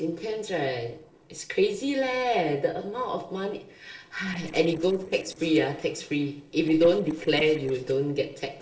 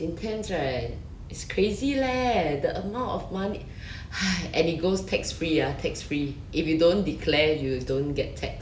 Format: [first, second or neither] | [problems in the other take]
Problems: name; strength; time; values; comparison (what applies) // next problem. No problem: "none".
second | noise reduction (neural separator model SepFormer DNS4)